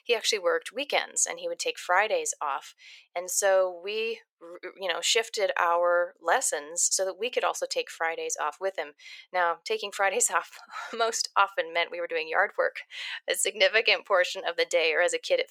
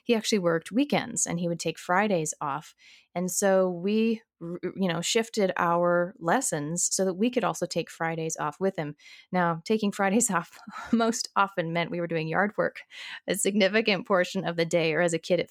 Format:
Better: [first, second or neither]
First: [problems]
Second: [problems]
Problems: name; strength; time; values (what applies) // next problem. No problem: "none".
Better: second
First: thin; very; fading below 500 Hz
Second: none